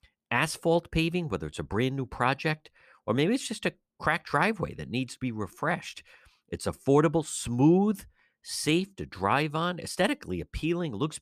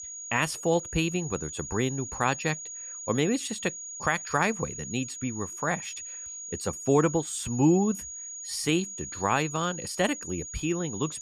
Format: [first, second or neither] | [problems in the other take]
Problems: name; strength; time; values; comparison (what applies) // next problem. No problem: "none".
first | high-pitched whine; loud; throughout; 6.5 kHz, 8 dB below the speech